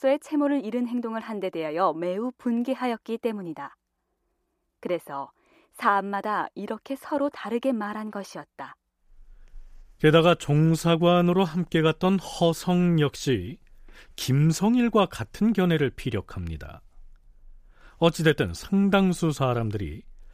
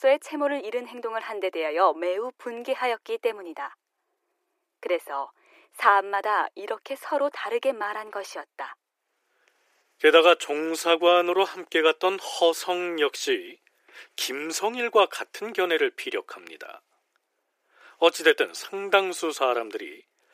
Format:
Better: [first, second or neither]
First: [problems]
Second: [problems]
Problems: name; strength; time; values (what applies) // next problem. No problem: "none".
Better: first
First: none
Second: thin; very; fading below 350 Hz